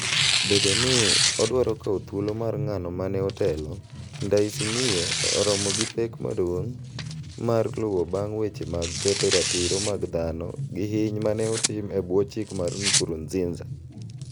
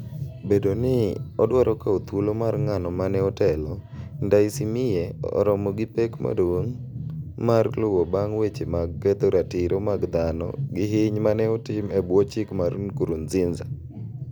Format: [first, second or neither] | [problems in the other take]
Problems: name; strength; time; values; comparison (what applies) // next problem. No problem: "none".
second | background sound (Tearing); 3 dB below the speech